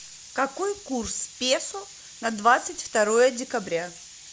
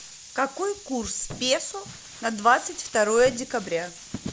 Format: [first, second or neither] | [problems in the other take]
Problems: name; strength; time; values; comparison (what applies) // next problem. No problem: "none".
first | background sound (Thump, thud + Crumpling, crinkling); 17 dB below the speech